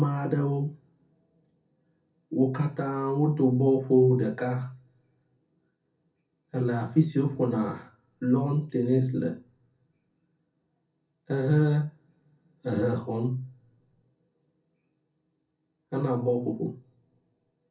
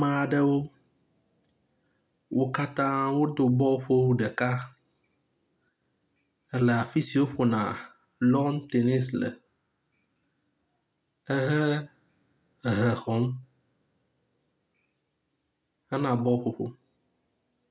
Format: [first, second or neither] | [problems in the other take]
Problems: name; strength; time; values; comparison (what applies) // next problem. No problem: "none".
second | room echo; dies away in 0.3 s